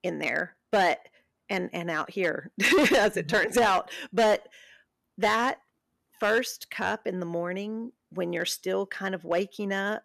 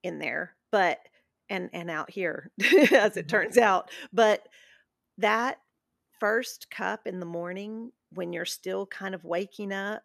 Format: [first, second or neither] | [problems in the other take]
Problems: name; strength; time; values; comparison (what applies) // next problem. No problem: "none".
second | distortion; heavy; 5% of the sound clipped